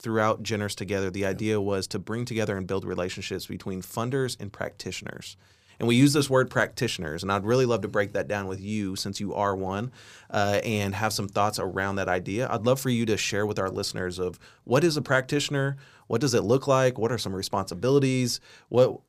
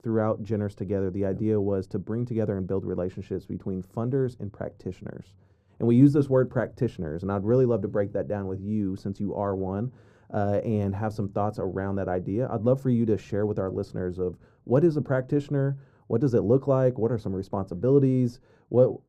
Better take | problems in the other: first | muffled; very; fading above 1 kHz

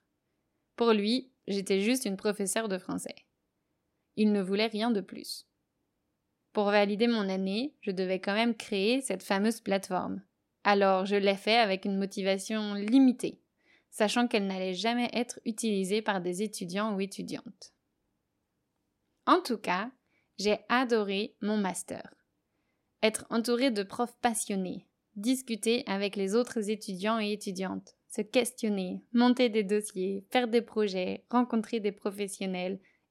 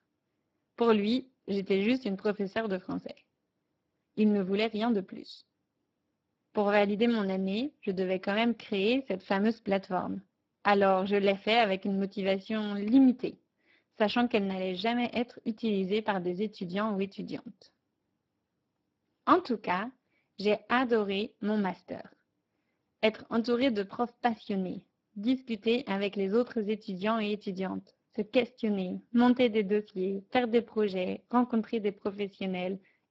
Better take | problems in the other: first | garbled, watery; badly

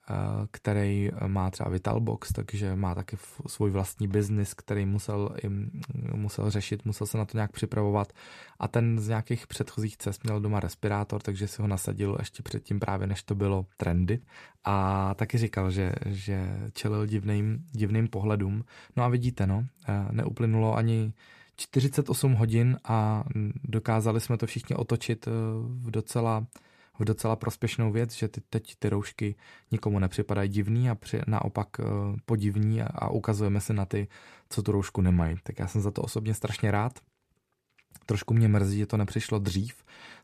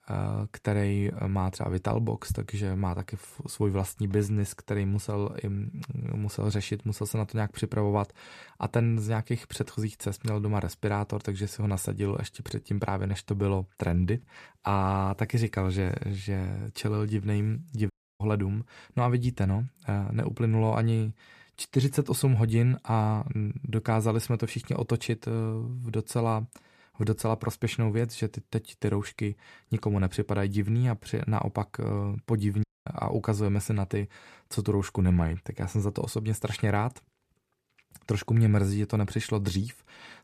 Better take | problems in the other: first | audio cutting out; at 18 s and at 33 s

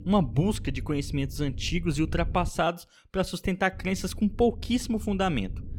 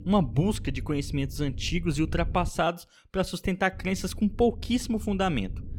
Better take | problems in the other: neither | low rumble; faint; until 2.5 s and from 3.5 s on; 25 dB below the speech; the same in both

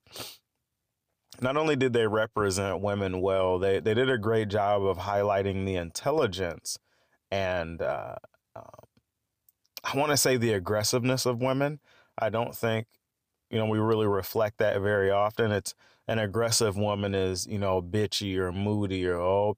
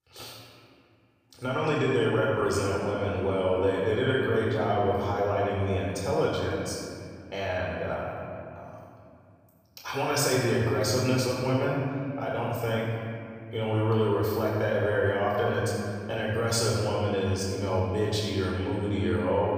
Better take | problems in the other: first | off-mic speech; far // room echo; strong; dies away in 2.4 s

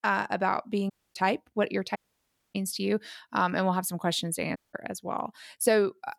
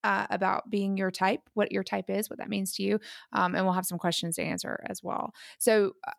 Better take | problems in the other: second | audio cutting out; at 1 s, at 2 s for 0.5 s and at 4.5 s

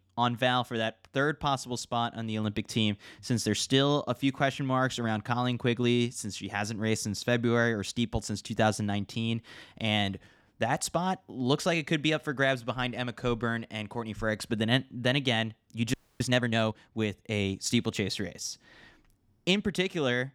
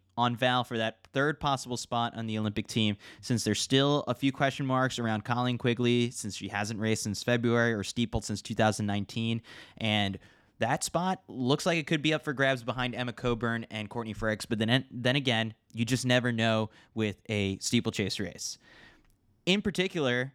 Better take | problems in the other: second | audio freezing; at 16 s

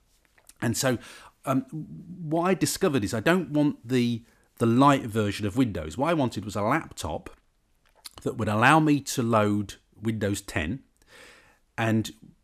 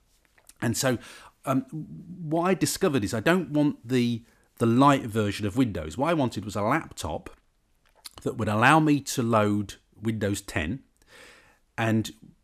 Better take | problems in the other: neither | none

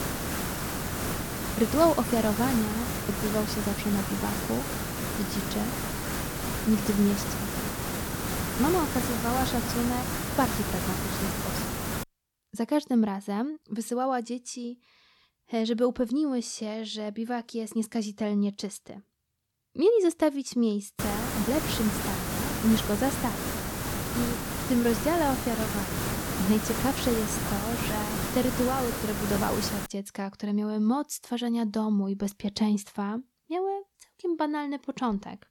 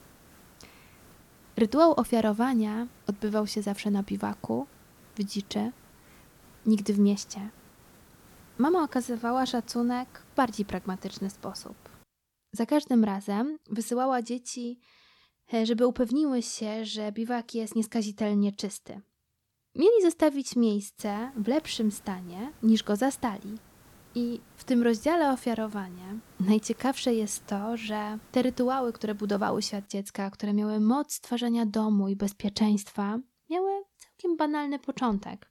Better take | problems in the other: second | hiss; loud; until 12 s and from 21 to 30 s; 2 dB below the speech; faint in the second

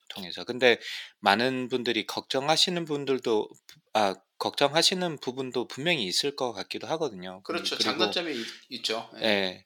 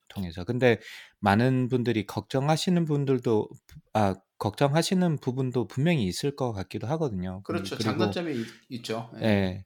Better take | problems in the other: second | thin; somewhat; fading below 350 Hz

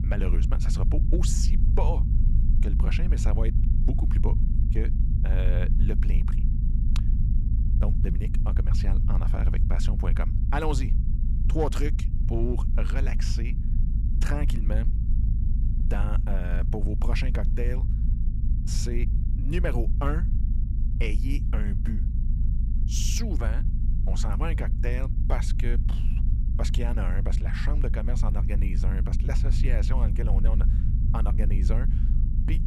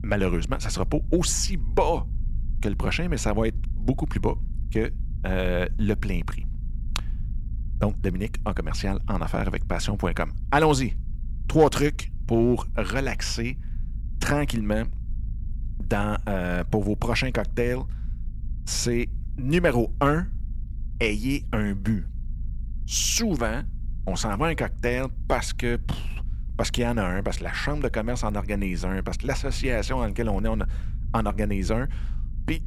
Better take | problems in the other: second | low rumble; loud; throughout; 7 dB below the speech; faint in the second

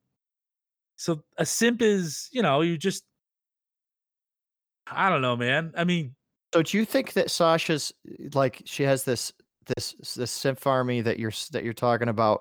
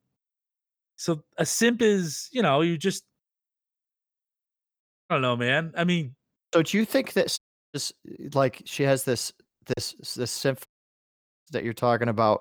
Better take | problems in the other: first | audio cutting out; at 5 s, at 7.5 s and at 11 s for 1 s

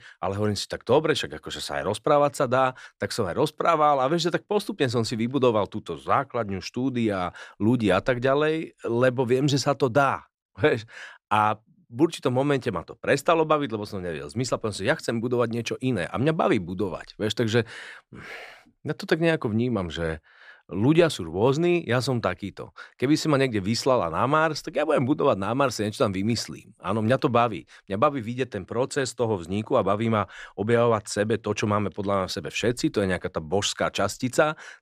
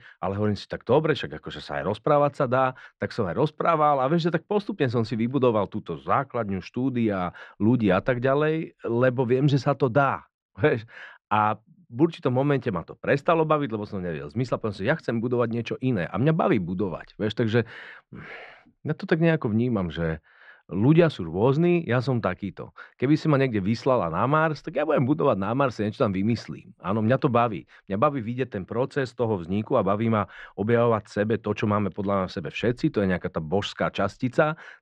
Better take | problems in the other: first | muffled; slightly; fading above 3 kHz

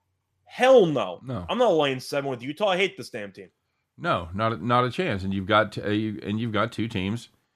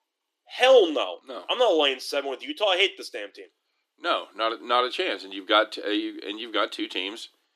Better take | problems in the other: first | thin; somewhat; fading below 300 Hz

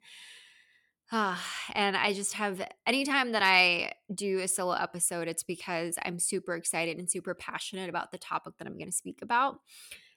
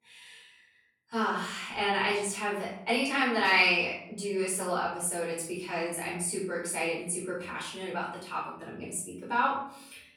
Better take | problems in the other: first | off-mic speech; far // room echo; noticeable; dies away in 0.6 s

